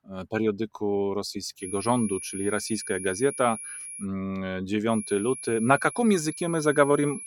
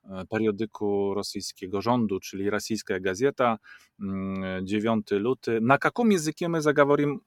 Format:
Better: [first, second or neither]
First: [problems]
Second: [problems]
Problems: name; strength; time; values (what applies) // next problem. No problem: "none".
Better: second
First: high-pitched whine; loud; from 1.5 to 4 s and from 5 s on; 10.5 kHz, 10 dB below the speech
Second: none